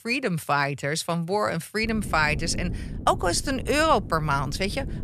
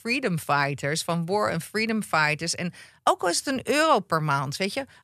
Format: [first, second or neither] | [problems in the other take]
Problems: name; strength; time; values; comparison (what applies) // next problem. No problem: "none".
second | wind noise on the microphone; occasional gusts; from 2 s on; 20 dB below the speech